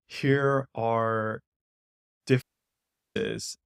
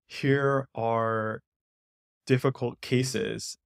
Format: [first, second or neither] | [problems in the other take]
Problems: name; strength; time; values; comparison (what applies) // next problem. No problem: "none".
second | audio cutting out; at 2.5 s for 0.5 s